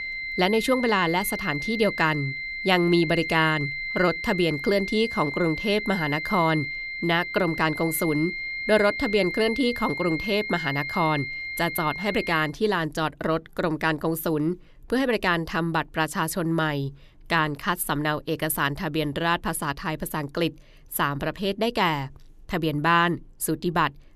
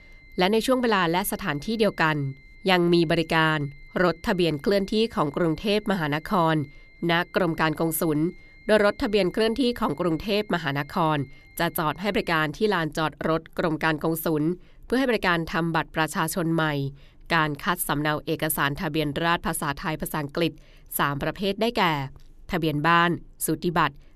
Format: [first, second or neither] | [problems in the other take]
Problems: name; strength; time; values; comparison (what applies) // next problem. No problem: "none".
second | high-pitched whine; loud; until 12 s; 2 kHz, 5 dB below the speech; faint in the second